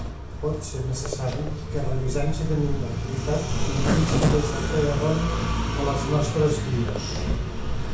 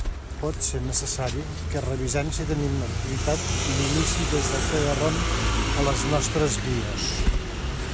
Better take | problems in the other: second | background sound (Zipper (clothing)); 5 dB below the speech // room echo; dies away in 0.6 s

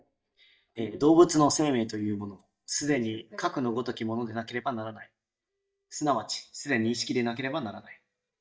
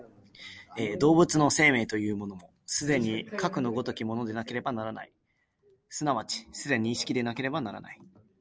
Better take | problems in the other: second | noise reduction (neural mask model DeepFilterNet 3)

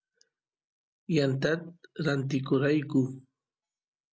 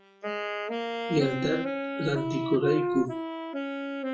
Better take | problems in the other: first | noise reduction (classical method WPE with log-MMSE)

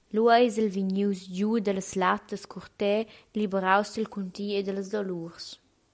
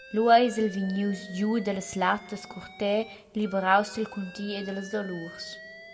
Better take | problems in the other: first | background sound (Alarm); 18 dB below the speech // room echo; dies away in 1 s

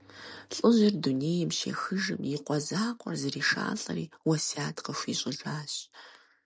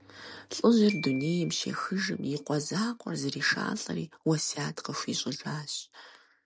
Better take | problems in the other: first | background sound (Glockenspiel); 18 dB below the speech

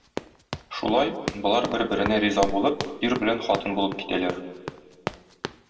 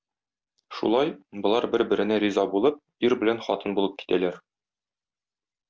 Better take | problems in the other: second | background sound (Run); 10 dB below the speech // room echo; dies away in 1.3 s

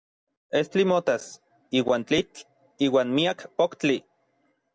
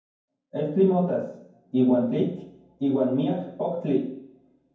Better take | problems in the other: first | room echo; dies away in 0.9 s

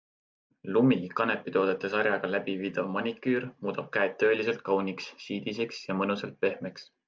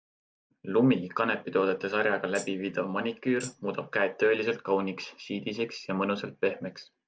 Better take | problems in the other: first | background sound (Tambourine); 17 dB below the speech

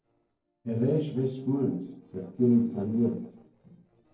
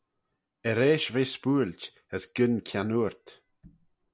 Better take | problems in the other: second | noise reduction (neural separator model SepFormer DNS4)

